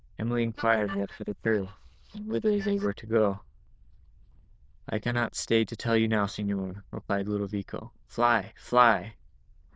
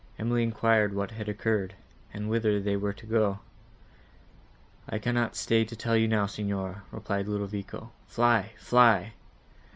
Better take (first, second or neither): second